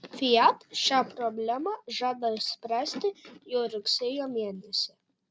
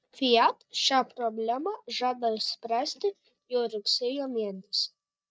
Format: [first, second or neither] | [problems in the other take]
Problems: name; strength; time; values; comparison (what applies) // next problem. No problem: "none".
first | noise reduction (neural mask model DeepFilterNet 3)